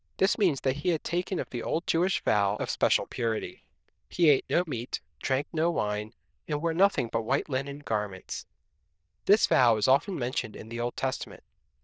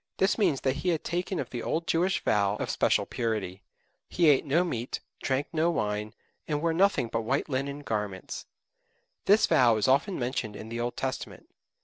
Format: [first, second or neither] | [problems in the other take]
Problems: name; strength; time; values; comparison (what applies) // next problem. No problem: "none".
second | noise reduction (neural diffusion model UNIVERSE++)